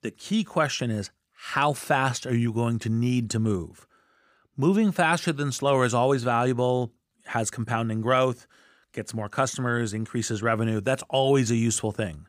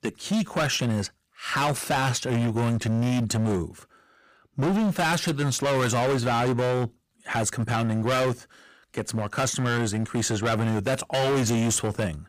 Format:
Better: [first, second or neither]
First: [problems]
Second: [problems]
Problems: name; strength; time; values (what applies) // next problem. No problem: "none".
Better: first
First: none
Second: distortion; heavy; 22% of the sound clipped